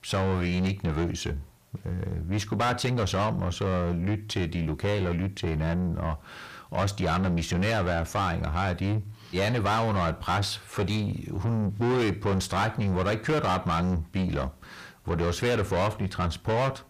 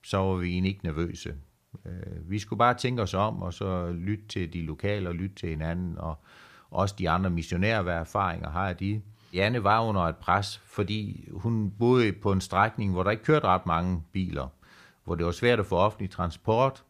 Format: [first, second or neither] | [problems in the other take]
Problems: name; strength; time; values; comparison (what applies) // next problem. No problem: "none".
second | distortion; heavy; 5 dB below the speech